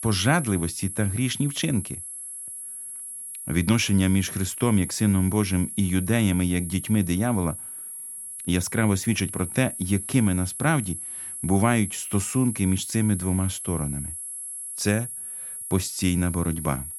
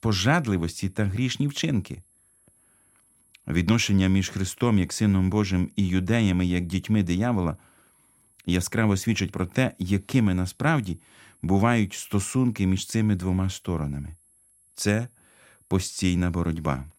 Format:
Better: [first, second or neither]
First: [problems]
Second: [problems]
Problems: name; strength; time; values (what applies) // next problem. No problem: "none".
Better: second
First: high-pitched whine; loud; throughout; 11 kHz, 8 dB below the speech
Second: high-pitched whine; faint; throughout; 11 kHz, 35 dB below the speech